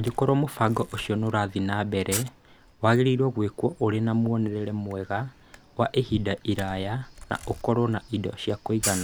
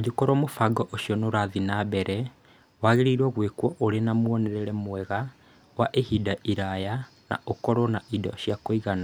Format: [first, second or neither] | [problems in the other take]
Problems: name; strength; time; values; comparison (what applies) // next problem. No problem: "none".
second | background sound (Camera); 15 dB below the speech